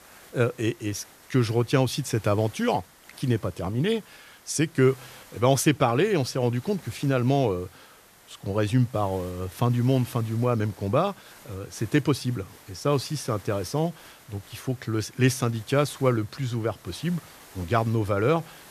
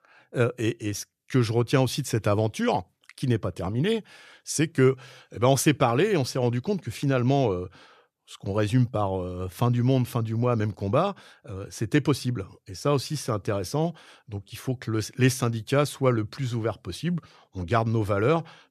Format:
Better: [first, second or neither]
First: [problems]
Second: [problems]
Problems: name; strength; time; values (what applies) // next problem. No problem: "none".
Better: second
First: hiss; faint; throughout; 25 dB below the speech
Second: none